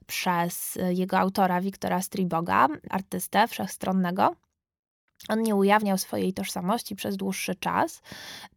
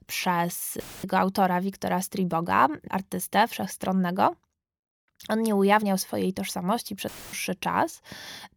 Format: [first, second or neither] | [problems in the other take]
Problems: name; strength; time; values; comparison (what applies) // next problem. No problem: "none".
first | audio cutting out; filled with static; at 1 s and at 7 s